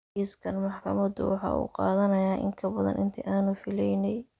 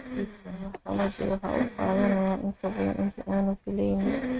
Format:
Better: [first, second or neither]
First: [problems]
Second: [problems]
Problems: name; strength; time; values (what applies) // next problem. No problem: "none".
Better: first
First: none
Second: noise reduction (neural mask model RNNoise)